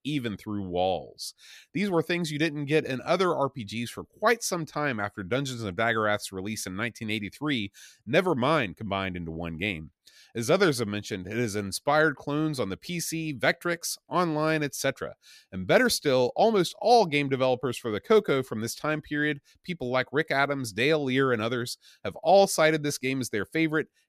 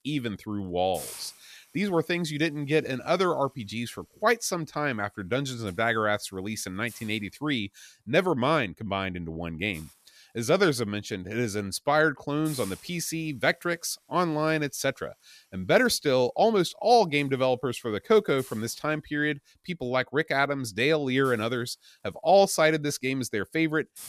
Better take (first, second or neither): first